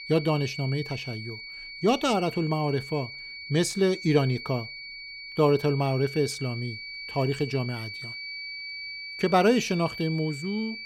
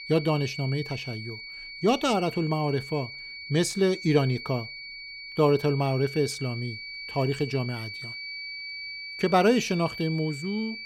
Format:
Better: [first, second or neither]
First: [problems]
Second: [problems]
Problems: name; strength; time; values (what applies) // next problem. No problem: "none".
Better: neither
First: high-pitched whine; noticeable; throughout; 2.5 kHz, 10 dB below the speech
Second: high-pitched whine; noticeable; throughout; 2.5 kHz, 10 dB below the speech